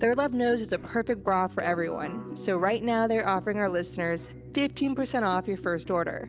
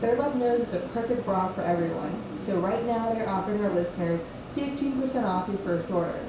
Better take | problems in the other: first | background sound (Mechanisms); 13 dB below the speech // room echo; dies away in 0.6 s

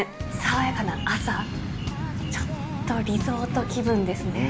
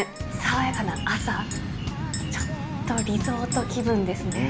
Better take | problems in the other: first | background sound (Chink, clink); 13 dB below the speech

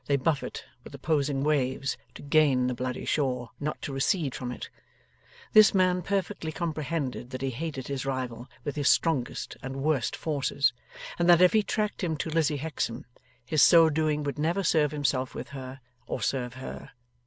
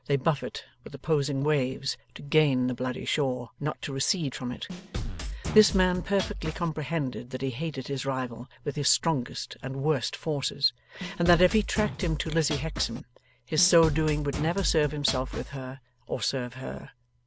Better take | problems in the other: first | background sound (Drum kit); 6 dB below the speech

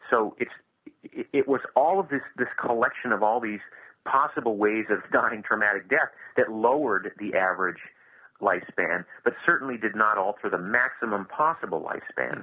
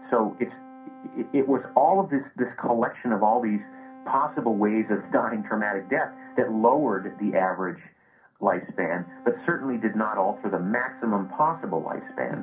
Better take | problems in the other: first | background sound (Brass instrument); 20 dB below the speech // room echo; dies away in 0.3 s

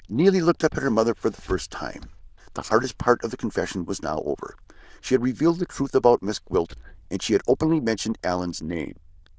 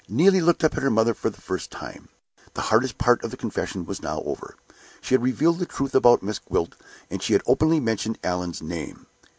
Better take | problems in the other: second | noise reduction (neural diffusion model UNIVERSE++)

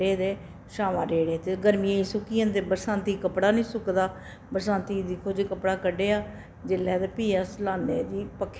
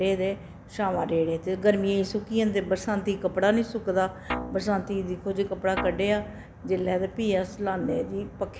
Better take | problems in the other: first | background sound (Guitar); 9 dB below the speech

